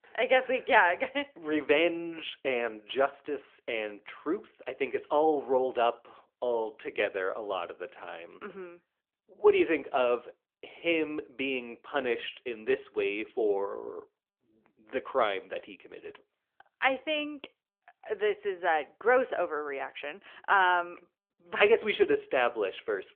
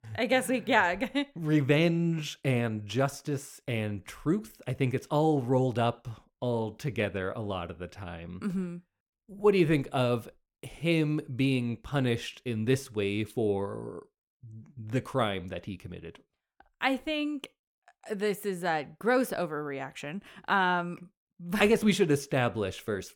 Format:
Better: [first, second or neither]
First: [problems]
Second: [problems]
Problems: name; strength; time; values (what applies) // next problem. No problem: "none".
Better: second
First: phone-call audio; nothing above 3.5 kHz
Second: none